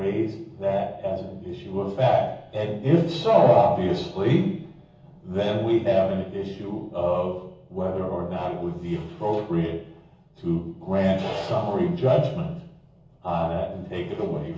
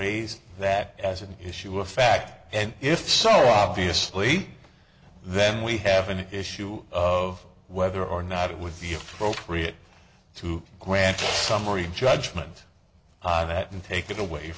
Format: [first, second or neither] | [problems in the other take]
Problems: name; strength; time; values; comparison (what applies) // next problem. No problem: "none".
second | room echo; dies away in 0.7 s